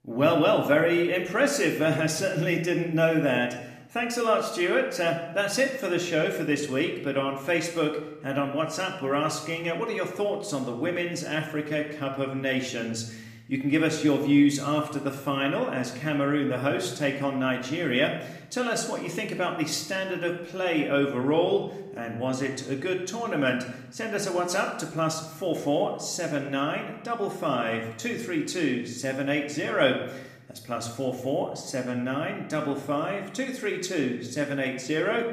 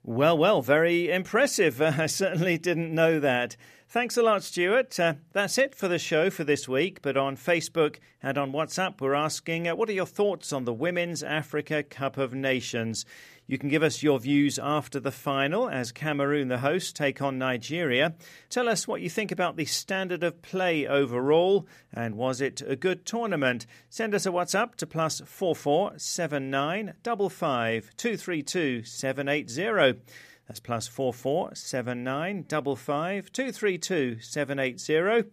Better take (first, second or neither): second